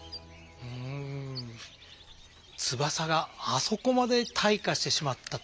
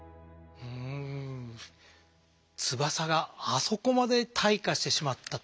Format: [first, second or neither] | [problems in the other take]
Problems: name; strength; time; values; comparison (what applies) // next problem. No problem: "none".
second | background sound (Bird); 19 dB below the speech